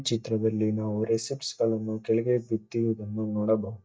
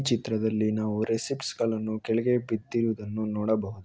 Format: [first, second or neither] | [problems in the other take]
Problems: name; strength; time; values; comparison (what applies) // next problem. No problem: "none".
second | noise reduction (neural mask model DeepFilterNet 3)